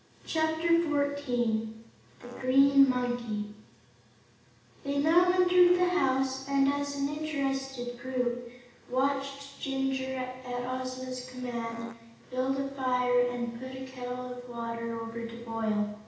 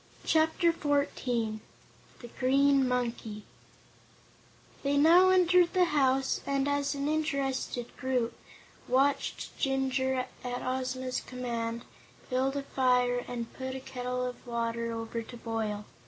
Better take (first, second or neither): second